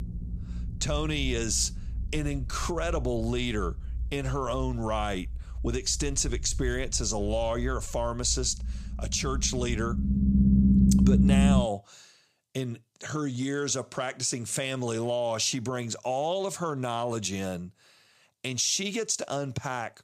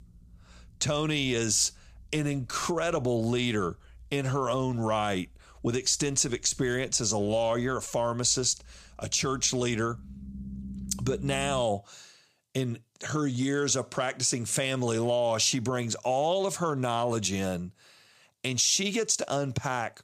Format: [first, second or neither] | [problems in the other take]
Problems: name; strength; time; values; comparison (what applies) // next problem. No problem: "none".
second | low rumble; loud; until 12 s; 1 dB below the speech; faint in the second